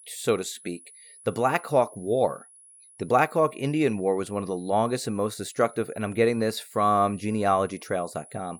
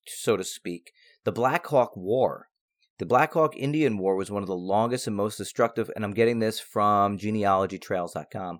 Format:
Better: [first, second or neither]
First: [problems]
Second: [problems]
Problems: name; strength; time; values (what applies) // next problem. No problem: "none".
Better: second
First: high-pitched whine; faint; throughout; 10.5 kHz, 20 dB below the speech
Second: none